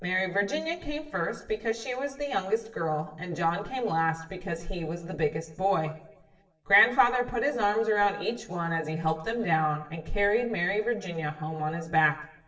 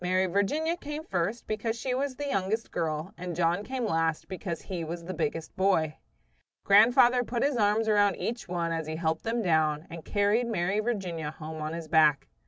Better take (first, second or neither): second